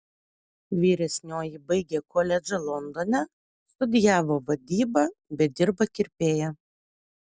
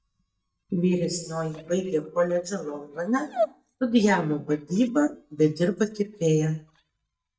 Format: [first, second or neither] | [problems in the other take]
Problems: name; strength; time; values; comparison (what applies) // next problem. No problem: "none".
first | noise reduction (neural mask model DeepFilterNet 3)